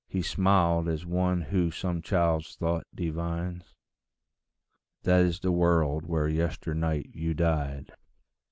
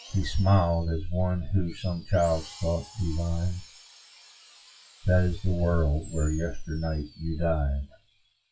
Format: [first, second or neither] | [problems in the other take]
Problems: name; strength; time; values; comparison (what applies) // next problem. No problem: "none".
first | noise reduction (classical method WPE with log-MMSE)